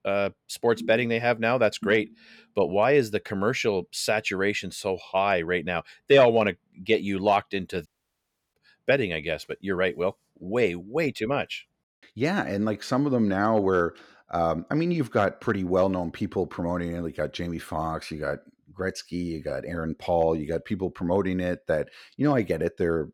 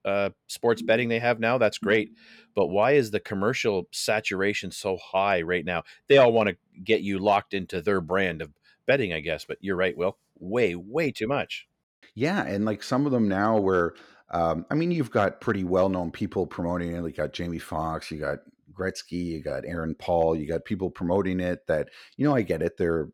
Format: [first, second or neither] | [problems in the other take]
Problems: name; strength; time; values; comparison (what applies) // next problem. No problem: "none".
second | audio cutting out; at 8 s for 0.5 s